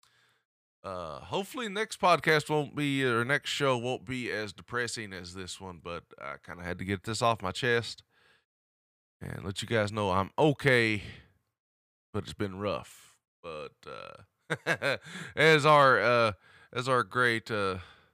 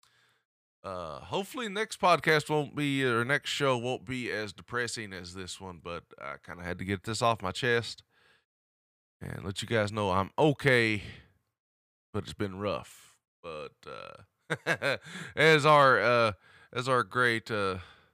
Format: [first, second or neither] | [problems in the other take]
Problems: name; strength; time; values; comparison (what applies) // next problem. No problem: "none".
neither | none